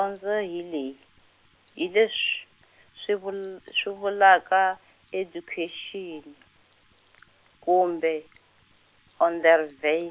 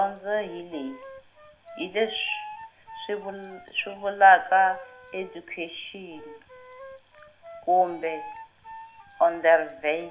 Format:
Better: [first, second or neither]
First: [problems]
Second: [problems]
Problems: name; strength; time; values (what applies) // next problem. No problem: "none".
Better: first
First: none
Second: background sound (Wind instrument, woodwind instrument); 18 dB below the speech // room echo; dies away in 0.6 s